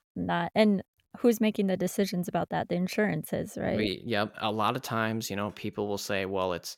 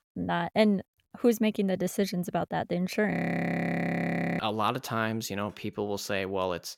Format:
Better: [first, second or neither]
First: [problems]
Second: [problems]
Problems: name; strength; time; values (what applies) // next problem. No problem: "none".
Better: first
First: none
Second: audio freezing; at 3 s for 1.5 s